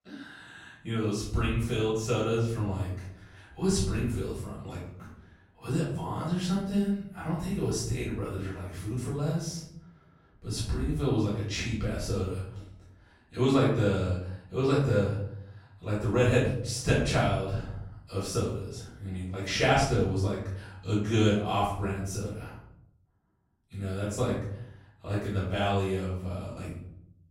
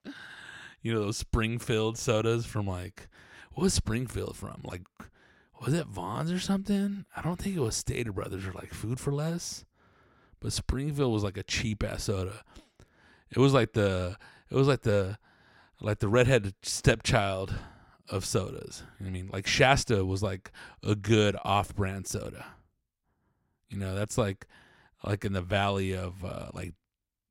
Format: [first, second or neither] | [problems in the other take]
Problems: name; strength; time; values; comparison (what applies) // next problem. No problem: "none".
second | off-mic speech; far // room echo; noticeable; dies away in 0.7 s